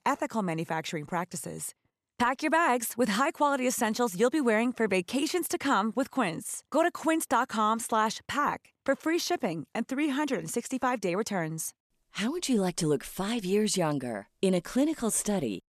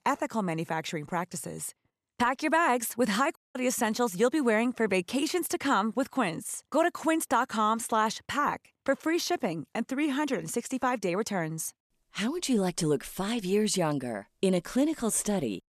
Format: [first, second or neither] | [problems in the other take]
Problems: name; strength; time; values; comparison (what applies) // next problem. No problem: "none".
first | audio cutting out; at 3.5 s